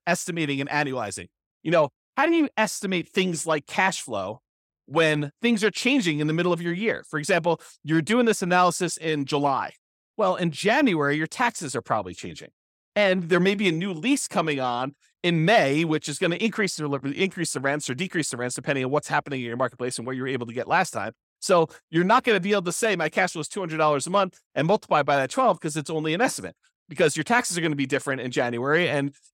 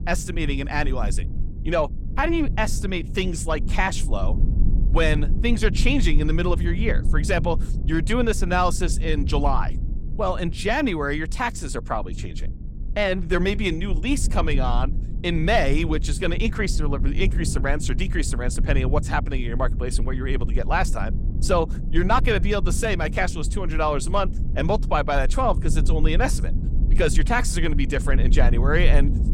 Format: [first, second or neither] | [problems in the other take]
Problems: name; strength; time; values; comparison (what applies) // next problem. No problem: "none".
first | low rumble; noticeable; throughout; 15 dB below the speech